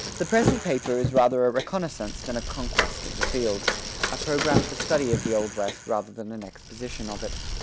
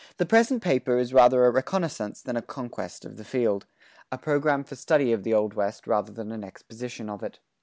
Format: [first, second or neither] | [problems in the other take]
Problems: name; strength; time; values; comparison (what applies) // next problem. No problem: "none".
second | background sound (Thump, thud + Bicycle); 2 dB below the speech